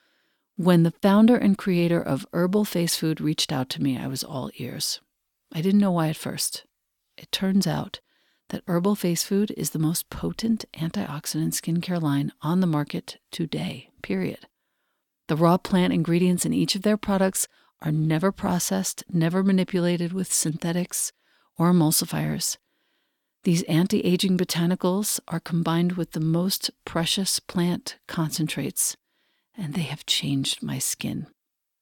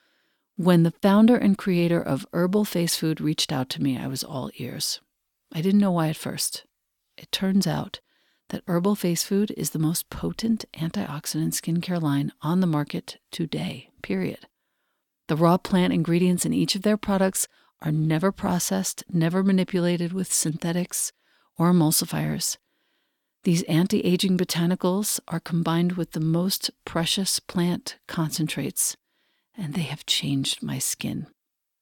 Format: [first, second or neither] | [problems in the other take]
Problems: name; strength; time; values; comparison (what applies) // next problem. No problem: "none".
neither | none